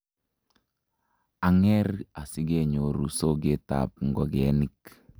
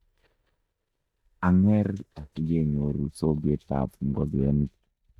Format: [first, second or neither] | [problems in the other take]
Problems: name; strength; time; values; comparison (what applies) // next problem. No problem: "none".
first | noise reduction (neural mask model DeepFilterNet 3)